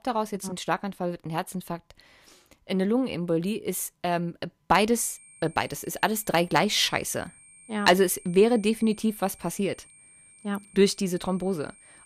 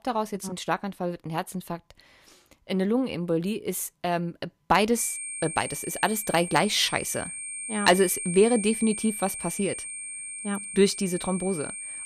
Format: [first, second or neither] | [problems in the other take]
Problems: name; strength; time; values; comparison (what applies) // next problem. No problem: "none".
first | high-pitched whine; loud; from 5 s on; 8.5 kHz, 7 dB below the speech; faint in the first